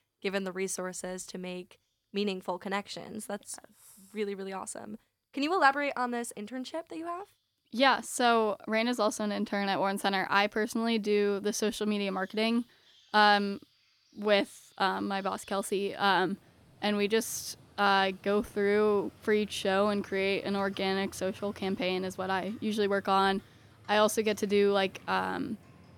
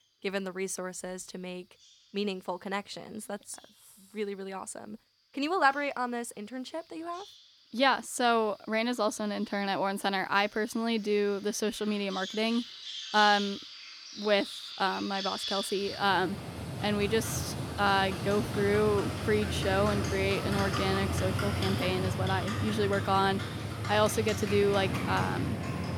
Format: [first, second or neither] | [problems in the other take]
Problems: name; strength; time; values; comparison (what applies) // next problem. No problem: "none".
first | animal sounds; loud; throughout; 4 dB below the speech; faint in the first